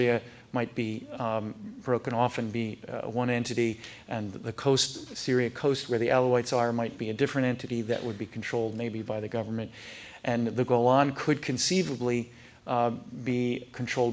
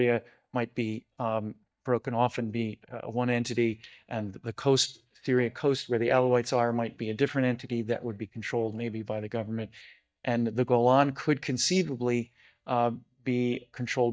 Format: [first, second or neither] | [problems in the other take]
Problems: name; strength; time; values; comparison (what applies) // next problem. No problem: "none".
first | noise reduction (neural mask model DeepFilterNet 3)